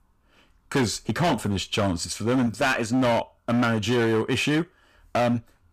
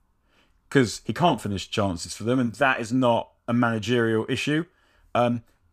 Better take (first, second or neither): second